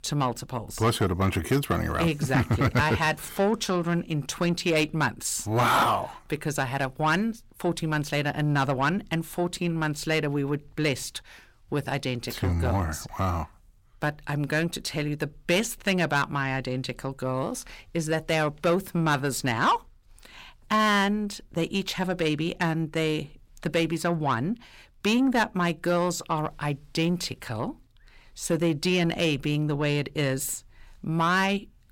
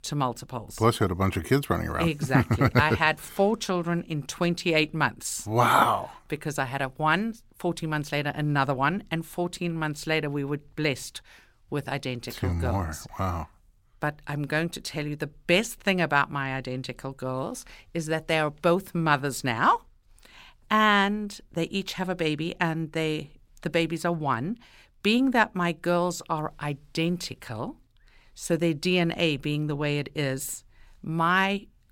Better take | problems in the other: second | distortion; slight; 10 dB below the speech

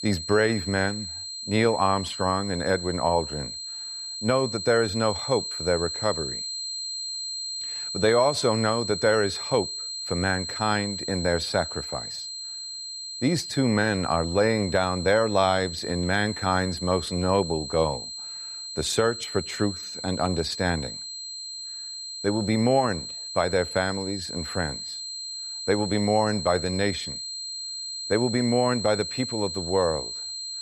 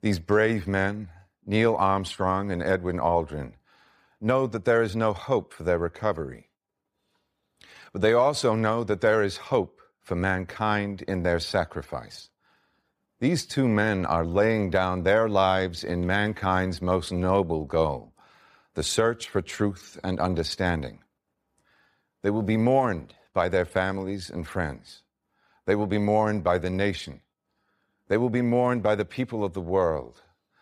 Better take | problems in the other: second | high-pitched whine; loud; throughout; 4 kHz, 6 dB below the speech

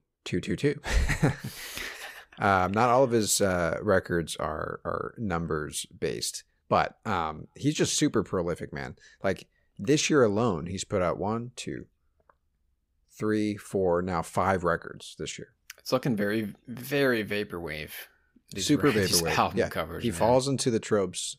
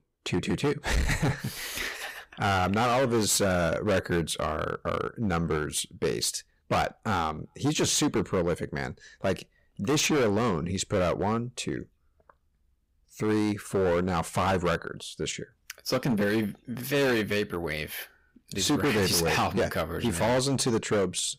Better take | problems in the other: first | distortion; heavy; 12% of the sound clipped

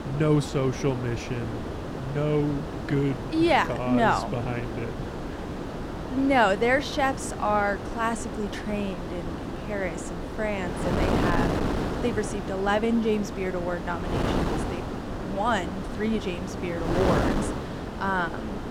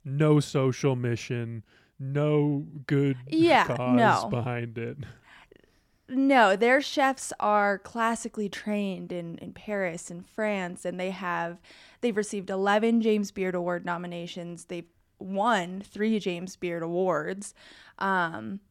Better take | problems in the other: second | wind noise on the microphone; heavy; 7 dB below the speech

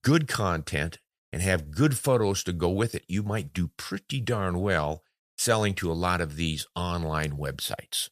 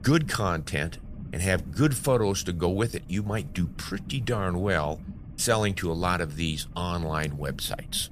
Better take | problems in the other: first | low rumble; faint; throughout; 20 dB below the speech

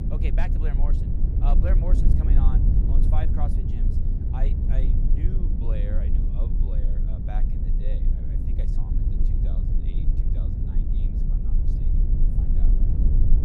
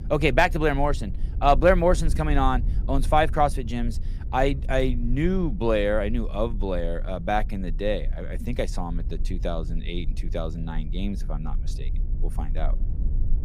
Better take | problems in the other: second | low rumble; loud; throughout; as loud as the speech; faint in the second

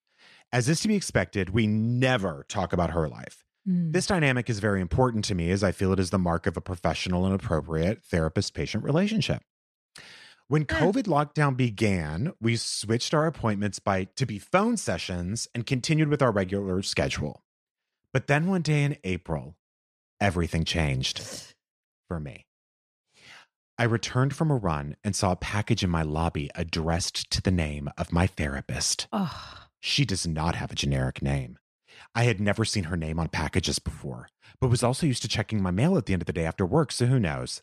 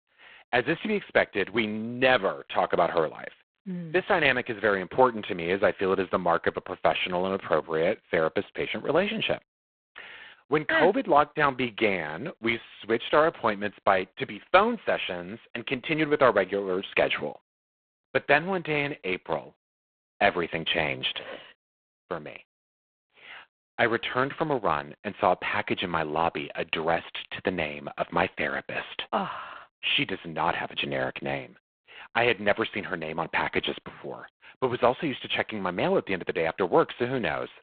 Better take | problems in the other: first | phone-call audio; poor line

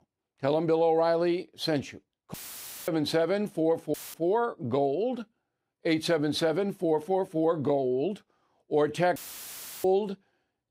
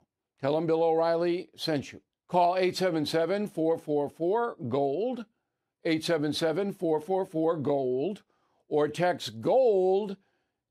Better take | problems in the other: second | audio cutting out; filled with static; at 2.5 s for 0.5 s, at 4 s and at 9 s for 0.5 s

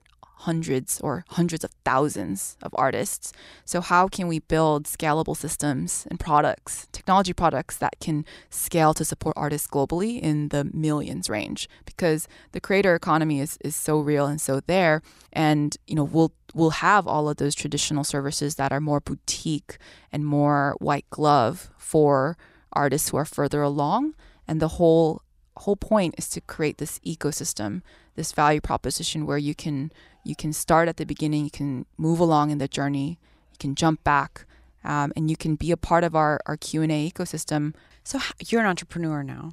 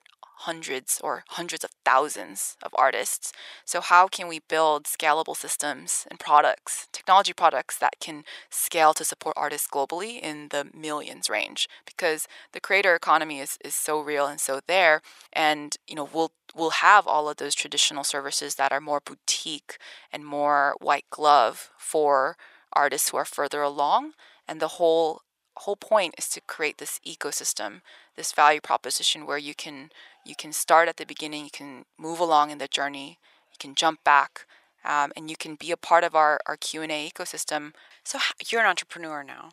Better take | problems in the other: first | thin; very; fading below 700 Hz

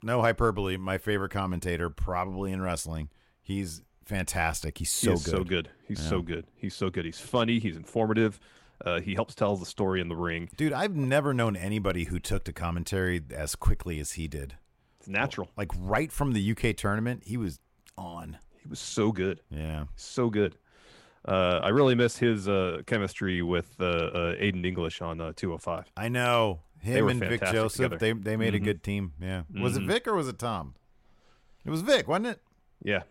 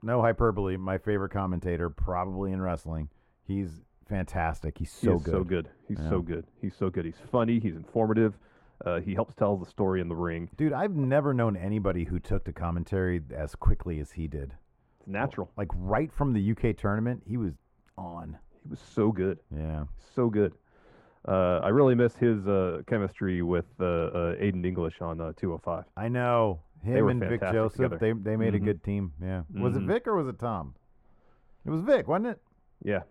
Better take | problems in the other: first | muffled; very; fading above 2.5 kHz

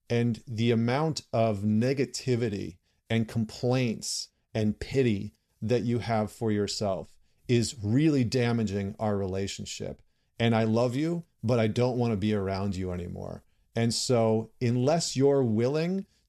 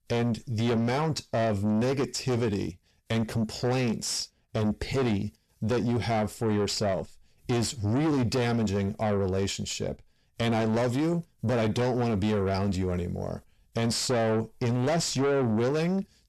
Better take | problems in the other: first | distortion; heavy; 7 dB below the speech

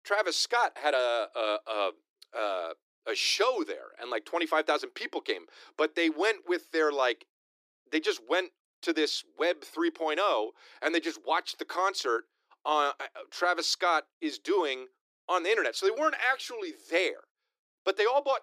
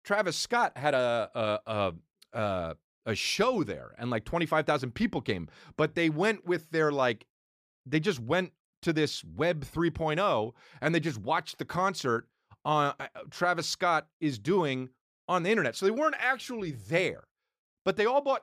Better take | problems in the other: second | thin; very; fading below 300 Hz

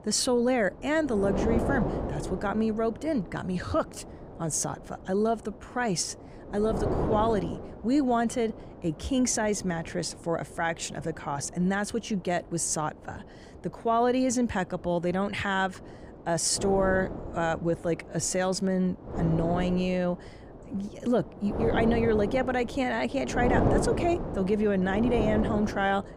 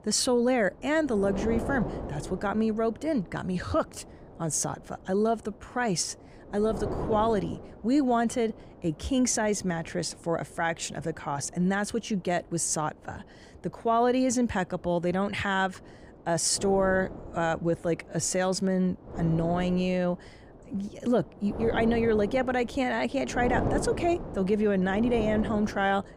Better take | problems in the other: second | wind noise on the microphone; heavy; 7 dB below the speech; occasional gusts in the second

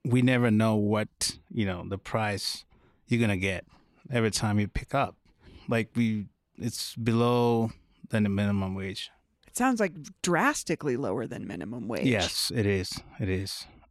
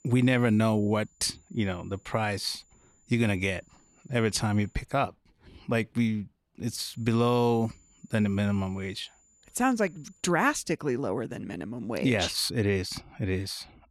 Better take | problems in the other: first | high-pitched whine; faint; until 5 s and from 7 to 10 s; 7 kHz, 35 dB below the speech

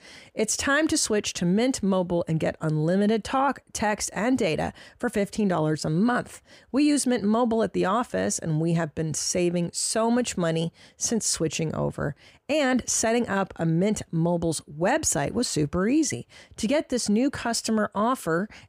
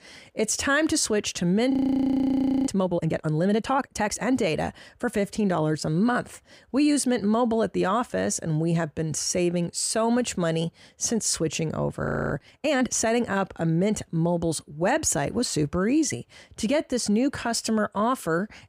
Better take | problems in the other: first | audio freezing; at 1.5 s for 1 s and at 12 s

